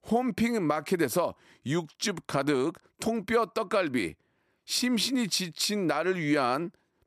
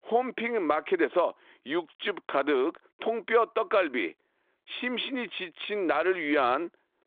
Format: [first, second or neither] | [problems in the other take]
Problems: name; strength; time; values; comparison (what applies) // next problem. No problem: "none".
first | phone-call audio